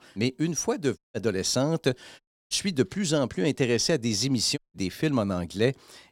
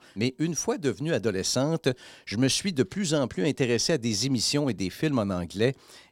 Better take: second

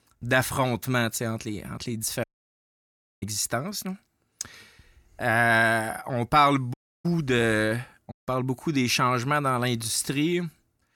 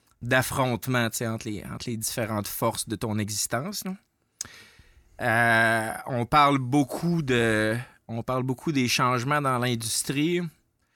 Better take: second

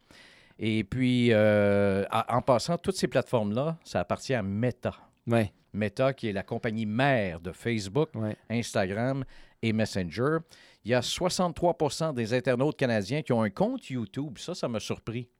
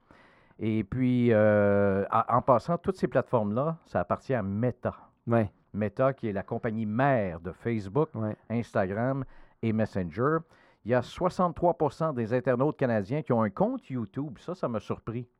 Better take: first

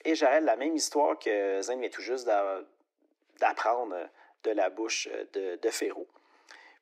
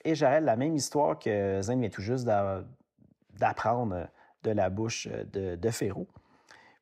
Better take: second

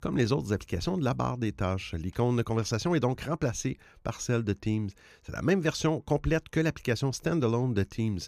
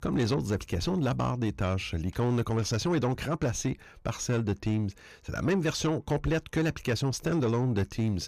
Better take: first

